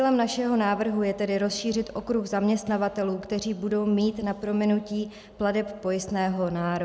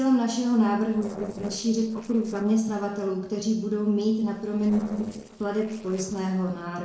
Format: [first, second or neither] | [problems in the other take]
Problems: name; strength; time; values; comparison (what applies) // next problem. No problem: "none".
first | noise reduction (neural separator model SepFormer DNS4)